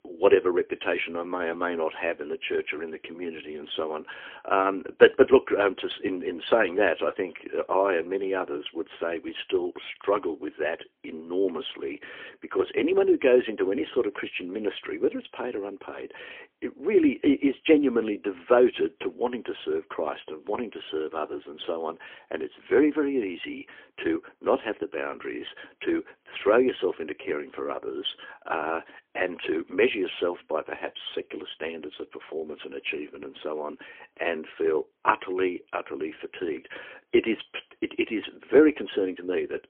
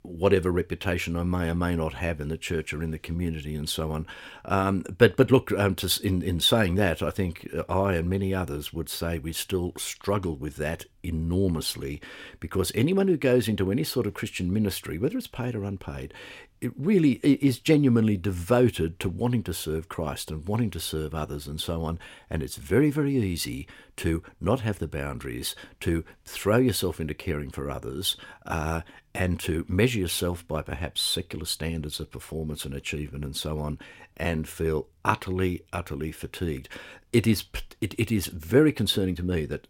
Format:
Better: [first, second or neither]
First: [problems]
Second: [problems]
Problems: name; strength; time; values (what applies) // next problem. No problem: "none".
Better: second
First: phone-call audio; poor line; nothing above 3.5 kHz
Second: none